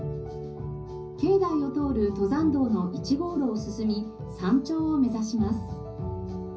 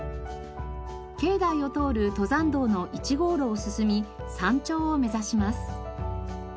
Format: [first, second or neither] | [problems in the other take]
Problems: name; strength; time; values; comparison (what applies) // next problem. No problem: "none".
second | room echo; dies away in 0.5 s